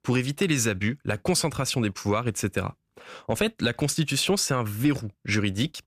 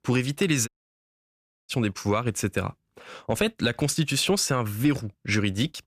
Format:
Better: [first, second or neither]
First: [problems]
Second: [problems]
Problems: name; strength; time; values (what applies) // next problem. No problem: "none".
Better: first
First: none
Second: audio cutting out; at 0.5 s for 1 s